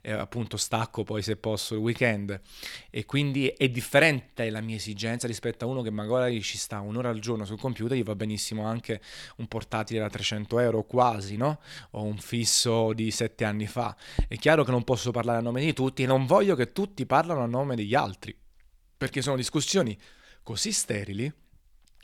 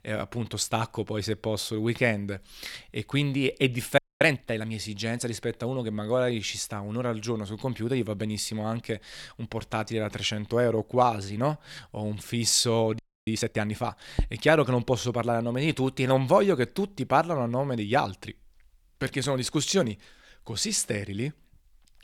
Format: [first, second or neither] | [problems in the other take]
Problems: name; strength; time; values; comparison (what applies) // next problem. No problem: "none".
first | audio freezing; at 4 s and at 13 s